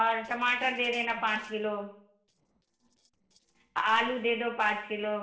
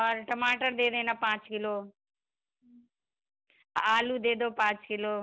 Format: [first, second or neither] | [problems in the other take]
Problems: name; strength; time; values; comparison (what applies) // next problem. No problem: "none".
second | noise reduction (neural separator model SepFormer DNS4)